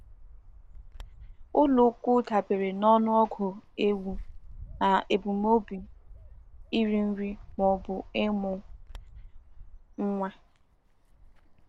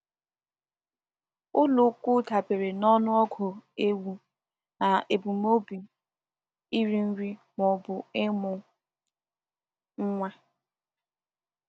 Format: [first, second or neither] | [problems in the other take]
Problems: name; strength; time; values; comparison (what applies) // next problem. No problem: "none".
second | background sound (Bird); 18 dB below the speech